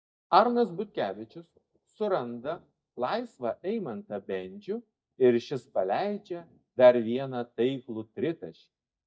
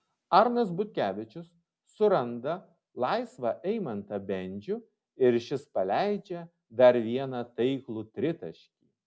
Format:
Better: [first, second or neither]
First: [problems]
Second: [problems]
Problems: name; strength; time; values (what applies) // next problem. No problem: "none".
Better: second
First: noise reduction (neural mask model DeepFilterNet 3)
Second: none